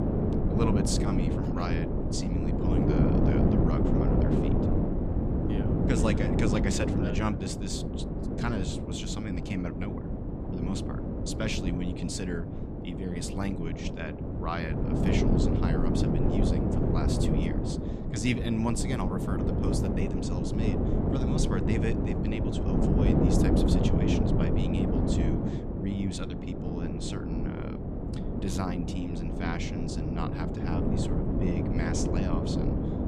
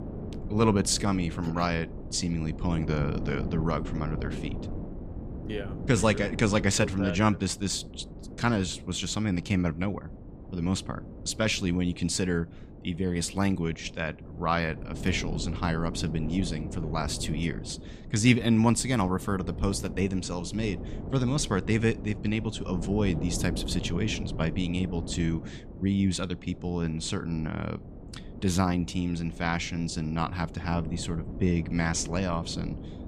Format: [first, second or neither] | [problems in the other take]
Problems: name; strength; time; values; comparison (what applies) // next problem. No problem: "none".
second | wind noise on the microphone; heavy; 3 dB above the speech; occasional gusts in the second